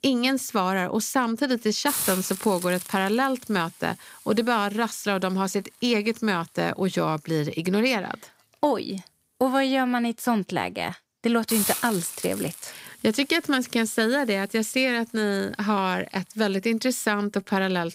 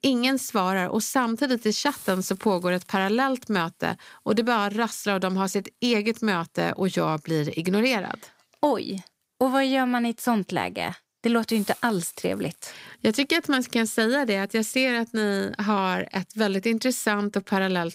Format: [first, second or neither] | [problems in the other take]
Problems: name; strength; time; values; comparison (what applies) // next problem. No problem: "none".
second | hiss; loud; throughout; 7 dB below the speech; faint in the second